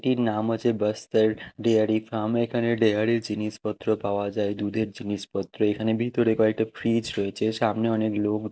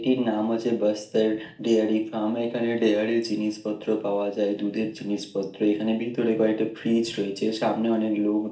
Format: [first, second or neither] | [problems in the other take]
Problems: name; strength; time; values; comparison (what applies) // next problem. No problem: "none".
first | room echo; dies away in 0.4 s